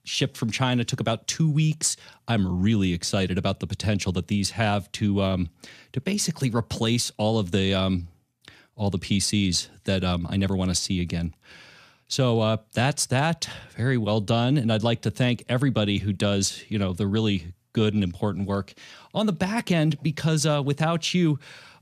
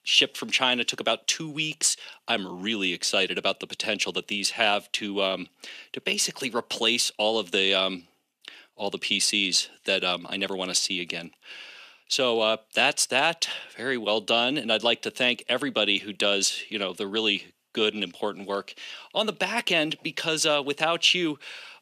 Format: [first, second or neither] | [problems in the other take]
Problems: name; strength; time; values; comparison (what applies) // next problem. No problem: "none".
first | thin; somewhat; fading below 350 Hz